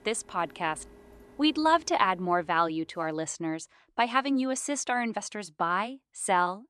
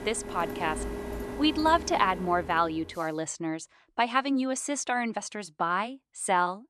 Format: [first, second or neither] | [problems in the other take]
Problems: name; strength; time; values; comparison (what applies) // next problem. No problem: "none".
first | household noises; loud; until 2.5 s; 9 dB below the speech; faint in the first